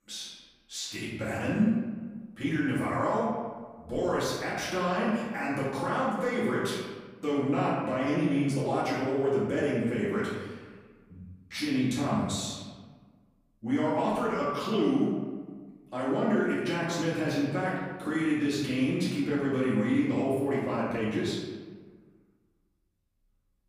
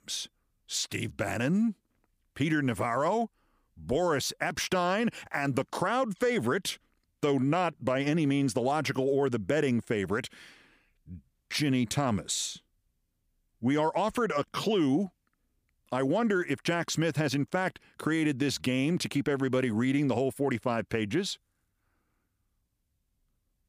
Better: second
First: room echo; noticeable; dies away in 1.3 s // off-mic speech; far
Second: none

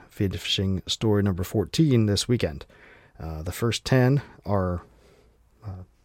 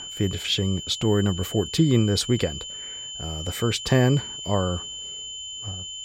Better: first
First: none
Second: high-pitched whine; loud; throughout; 3 kHz, 9 dB below the speech

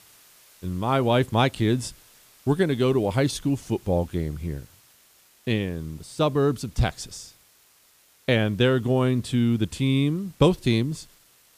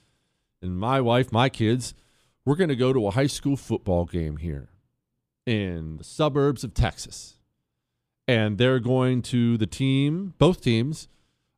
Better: second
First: hiss; faint; throughout; 30 dB below the speech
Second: none

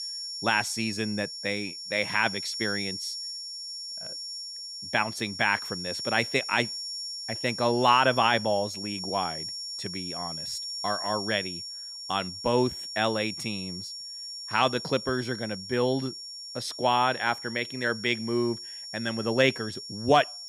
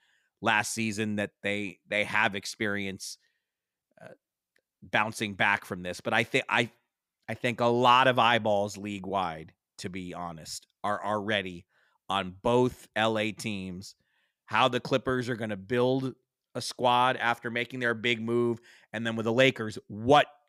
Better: second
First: high-pitched whine; loud; throughout; 5.5 kHz, 7 dB below the speech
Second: none

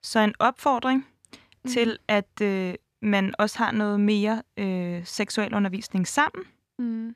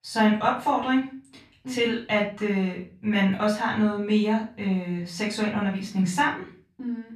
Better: first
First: none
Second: off-mic speech; far // room echo; slight; dies away in 0.4 s

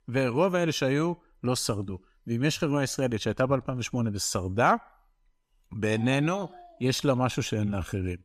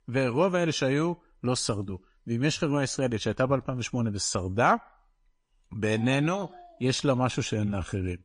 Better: first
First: none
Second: garbled, watery; slightly; nothing above 9 kHz

